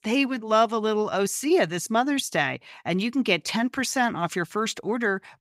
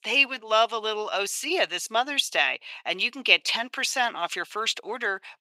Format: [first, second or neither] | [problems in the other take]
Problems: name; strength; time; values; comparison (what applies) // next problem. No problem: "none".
first | thin; somewhat; fading below 600 Hz